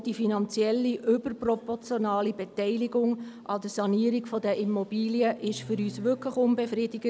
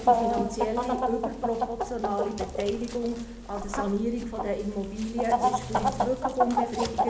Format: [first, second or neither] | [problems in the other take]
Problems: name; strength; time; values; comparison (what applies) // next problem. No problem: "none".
first | background sound (Chicken, rooster); 1 dB above the speech // room echo; dies away in 0.7 s